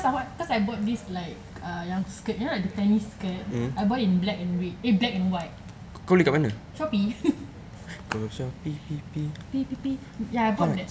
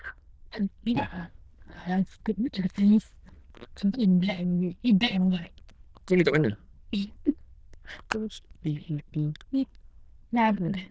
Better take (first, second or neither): first